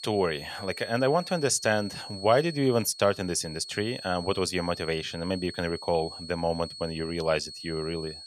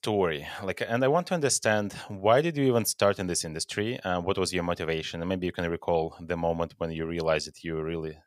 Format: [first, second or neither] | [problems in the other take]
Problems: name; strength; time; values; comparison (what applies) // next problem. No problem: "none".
second | high-pitched whine; noticeable; throughout; 4.5 kHz, 10 dB below the speech